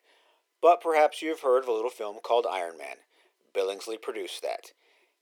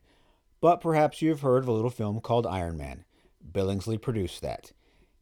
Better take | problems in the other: second | thin; very; fading below 400 Hz

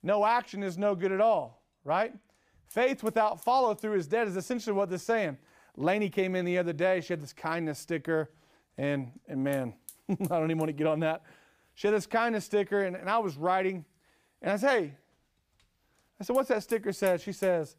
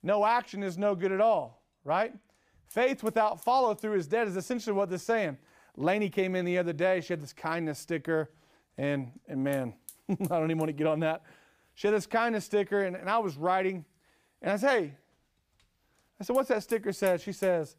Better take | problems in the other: neither | hiss; faint; throughout; 20 dB below the speech; the same in both

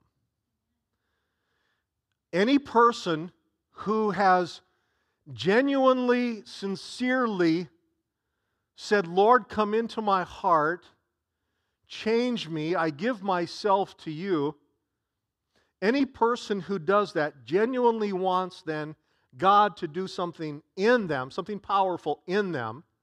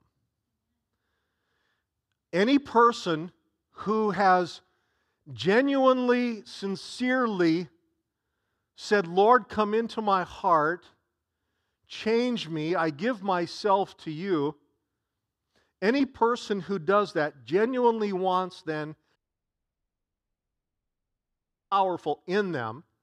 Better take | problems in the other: first | audio cutting out; at 19 s for 2.5 s

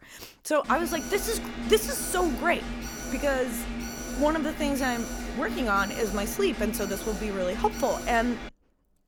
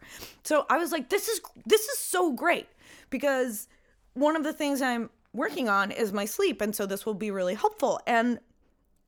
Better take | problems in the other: second | alarm; noticeable; from 0.5 to 8.5 s; peak 6 dB below the speech

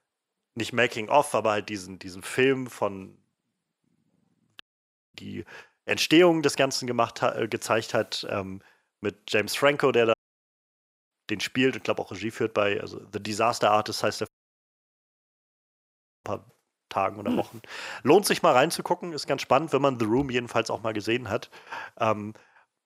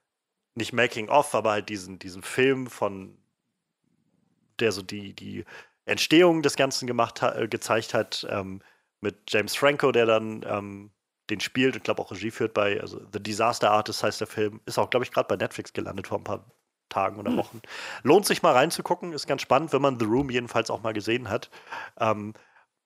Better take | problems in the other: second | audio cutting out; at 4.5 s for 0.5 s, at 10 s for 1 s and at 14 s for 2 s

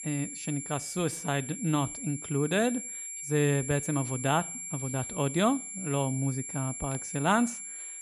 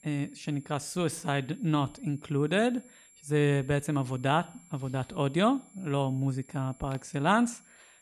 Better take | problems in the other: second | high-pitched whine; loud; throughout; 7.5 kHz, 7 dB below the speech; faint in the second

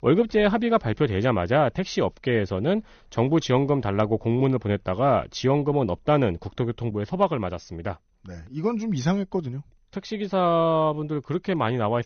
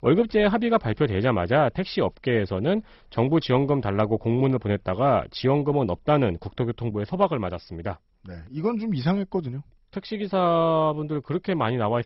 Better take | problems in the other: first | garbled, watery; badly; nothing above 5.5 kHz; slightly in the first

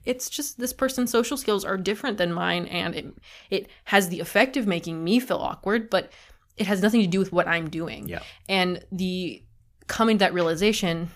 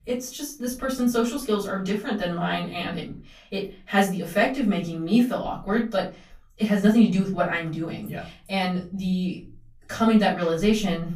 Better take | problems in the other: first | off-mic speech; far // room echo; slight; dies away in 0.3 s

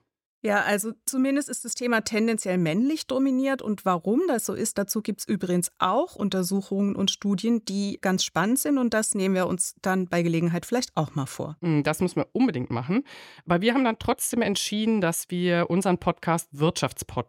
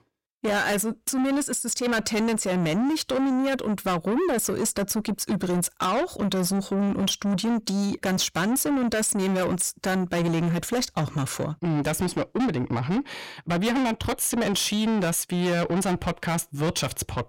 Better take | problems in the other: first | distortion; heavy; 7 dB below the speech

